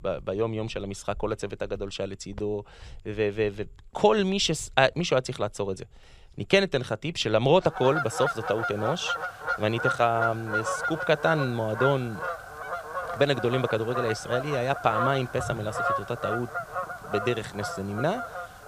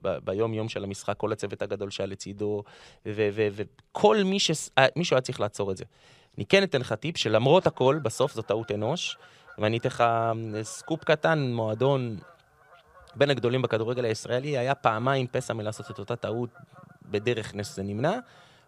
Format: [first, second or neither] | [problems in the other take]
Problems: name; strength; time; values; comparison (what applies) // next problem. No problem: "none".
second | animal sounds; loud; throughout; 5 dB below the speech; faint in the second